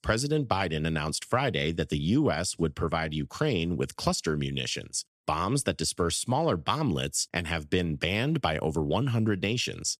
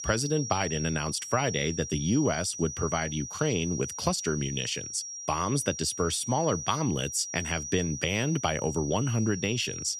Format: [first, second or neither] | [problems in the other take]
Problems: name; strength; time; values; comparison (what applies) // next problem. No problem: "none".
first | high-pitched whine; loud; throughout; 6 kHz, 7 dB below the speech